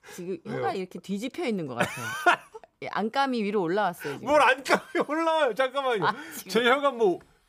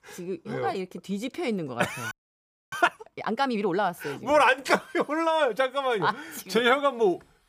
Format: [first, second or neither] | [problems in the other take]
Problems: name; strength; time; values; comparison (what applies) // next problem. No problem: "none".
first | audio freezing; at 2 s for 0.5 s